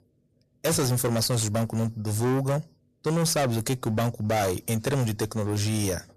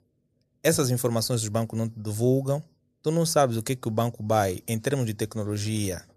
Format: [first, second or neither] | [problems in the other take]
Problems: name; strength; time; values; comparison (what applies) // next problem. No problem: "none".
second | distortion; heavy; 18% of the sound clipped